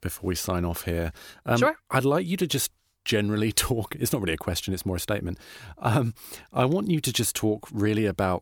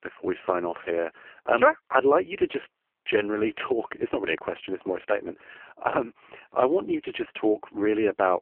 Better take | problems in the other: first | phone-call audio; poor line

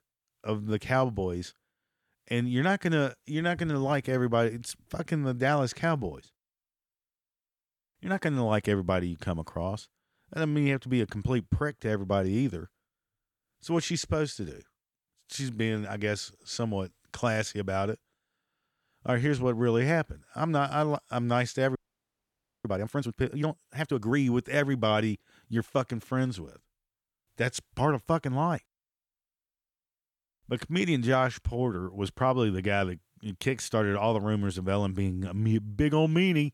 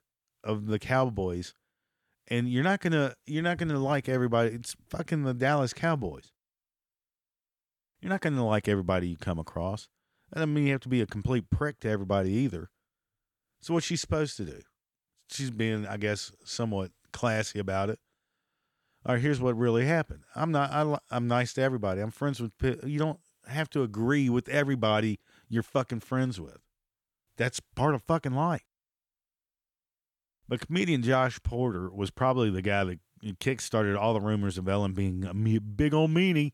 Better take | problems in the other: second | audio freezing; at 22 s for 1 s

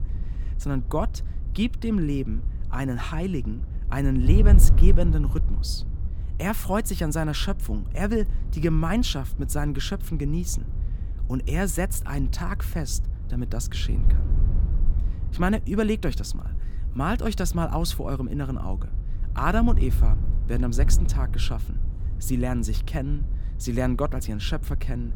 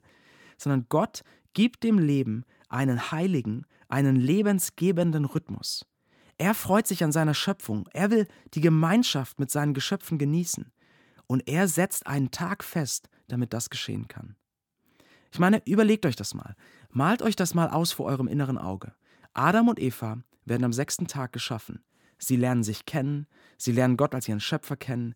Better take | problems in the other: second | wind noise on the microphone; occasional gusts; 15 dB below the speech

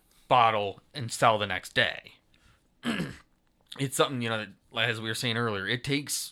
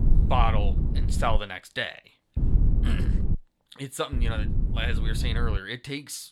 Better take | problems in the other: first | low rumble; noticeable; until 1.5 s, at 2.5 s and from 4 to 5.5 s; 10 dB below the speech

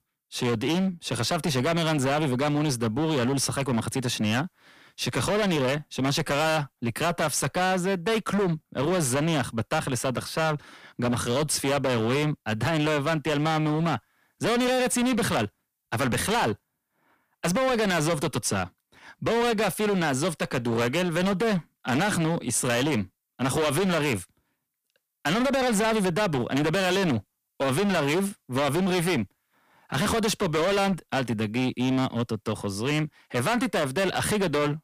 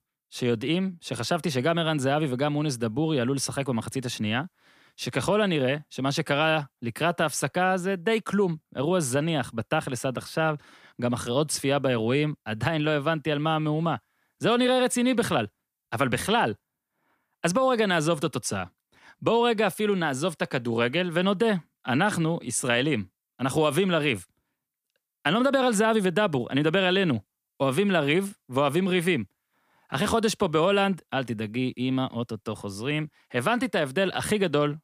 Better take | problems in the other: second | distortion; heavy; 24% of the sound clipped

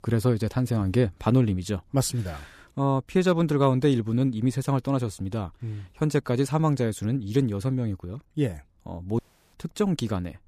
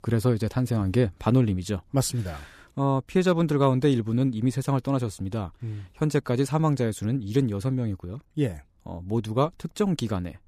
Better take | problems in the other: second | audio cutting out; at 9 s

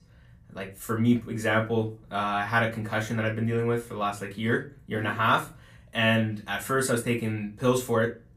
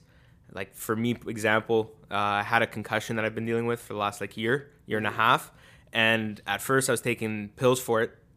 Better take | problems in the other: second | off-mic speech; far // room echo; very slight; dies away in 0.2 s

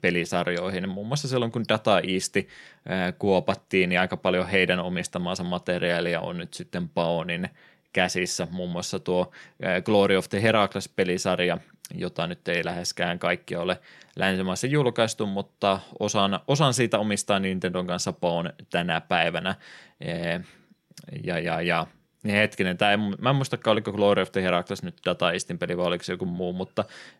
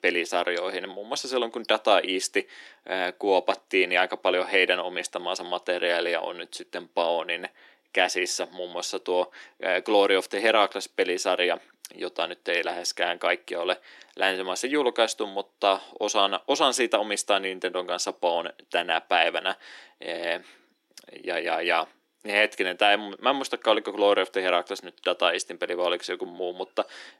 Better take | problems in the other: first | thin; somewhat; fading below 300 Hz

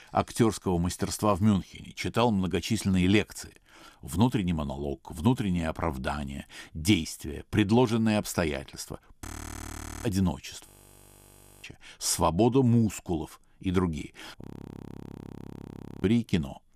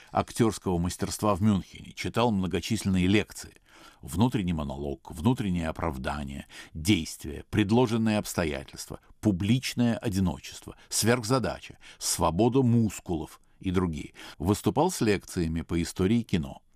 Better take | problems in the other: second | audio freezing; at 9.5 s for 1 s, at 11 s for 1 s and at 14 s for 1.5 s

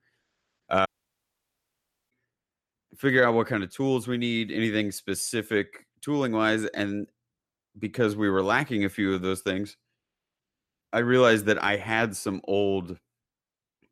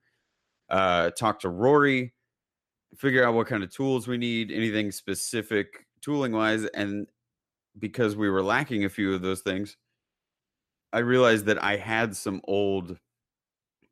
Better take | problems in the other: second | audio cutting out; at 1 s for 1.5 s

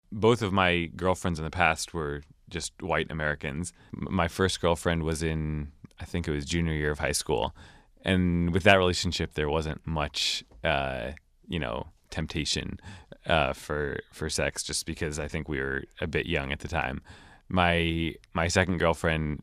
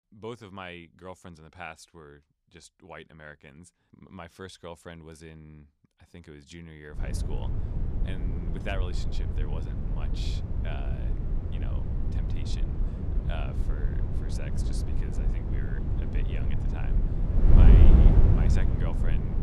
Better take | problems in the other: first | wind noise on the microphone; heavy; from 7 s on; 3 dB above the speech

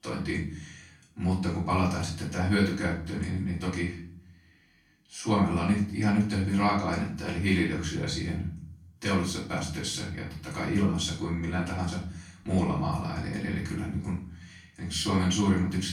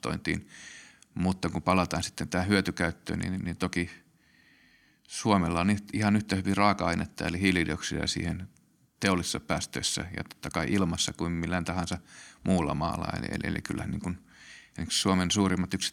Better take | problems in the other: second | off-mic speech; far // room echo; noticeable; dies away in 0.6 s

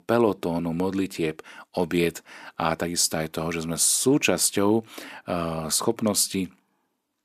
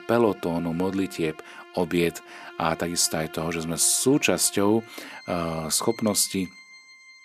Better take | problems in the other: first | background music; faint; throughout; 20 dB below the speech

